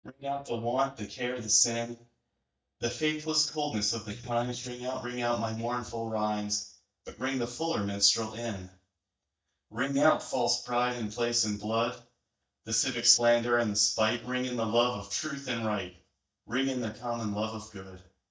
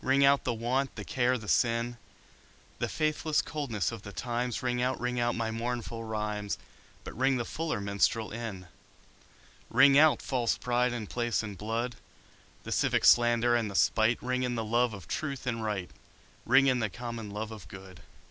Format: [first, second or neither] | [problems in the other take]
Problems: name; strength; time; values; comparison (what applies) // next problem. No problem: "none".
second | noise reduction (neural mask model DeepFilterNet 3)